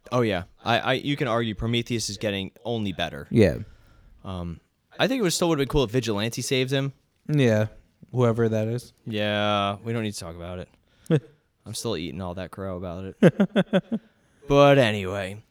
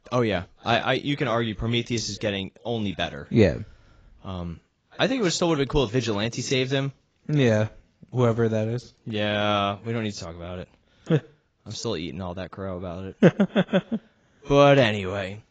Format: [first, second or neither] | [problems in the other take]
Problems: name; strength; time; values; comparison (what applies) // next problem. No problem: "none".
first | garbled, watery; badly; nothing above 7.5 kHz